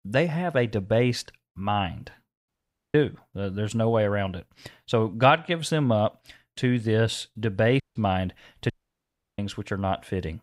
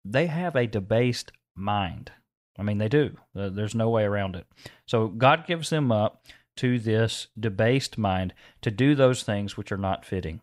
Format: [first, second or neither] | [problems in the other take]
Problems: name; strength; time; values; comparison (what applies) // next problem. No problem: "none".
second | audio cutting out; at 2.5 s, at 8 s and at 8.5 s for 0.5 s